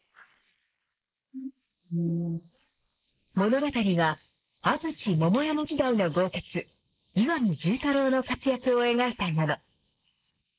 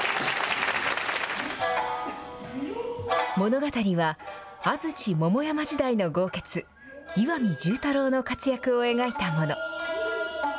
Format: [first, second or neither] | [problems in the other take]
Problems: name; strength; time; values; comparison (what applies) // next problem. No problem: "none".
second | noise reduction (neural mask model Resemble Enhance denoiser)